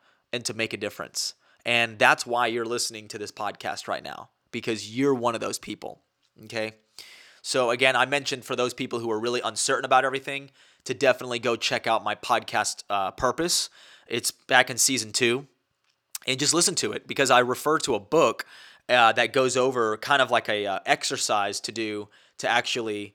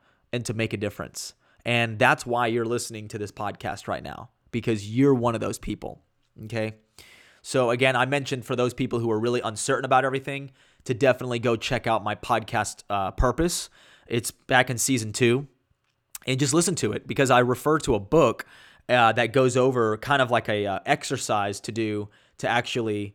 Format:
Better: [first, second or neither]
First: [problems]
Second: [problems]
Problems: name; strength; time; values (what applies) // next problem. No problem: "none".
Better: second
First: thin; very slightly; fading below 500 Hz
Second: none